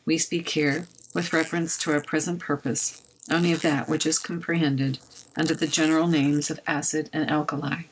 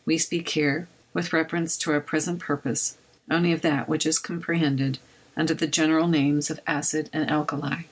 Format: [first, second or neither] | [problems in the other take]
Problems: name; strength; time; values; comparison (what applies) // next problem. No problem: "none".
second | noise reduction (neural mask model Resemble Enhance denoiser)